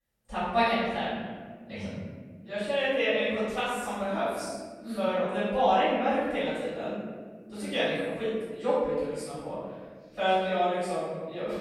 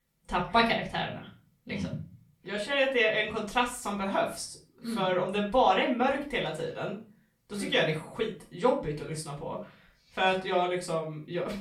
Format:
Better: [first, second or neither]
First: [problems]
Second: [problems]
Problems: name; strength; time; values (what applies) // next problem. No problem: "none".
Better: second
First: room echo; strong; dies away in 1.6 s // off-mic speech; far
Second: room echo; slight; dies away in 0.3 s // off-mic speech; far